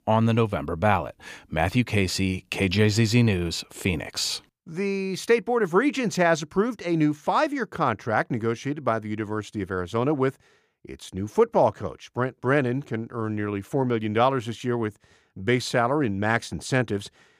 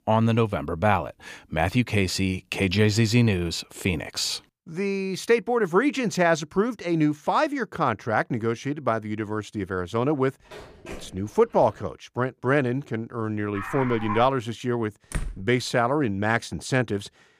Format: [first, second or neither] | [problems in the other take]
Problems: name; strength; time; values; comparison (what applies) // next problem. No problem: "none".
first | phone ringing; faint; from 11 to 12 s; peak 20 dB below the speech // dog barking; noticeable; at 14 s; peak 7 dB below the speech // door banging; noticeable; at 15 s; peak 10 dB below the speech